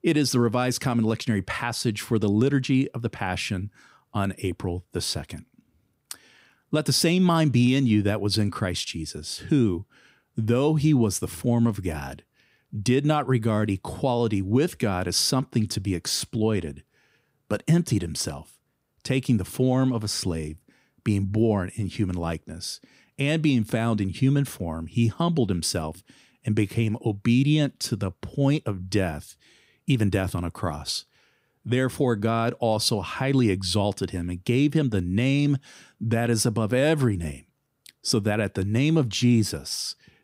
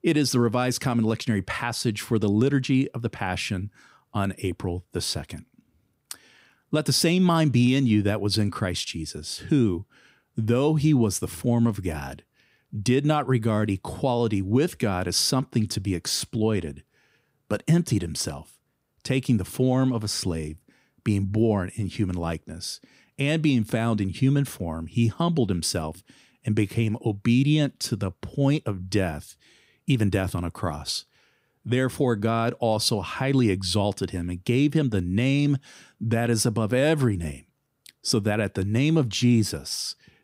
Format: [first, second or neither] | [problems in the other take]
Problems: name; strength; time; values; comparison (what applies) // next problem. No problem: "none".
neither | none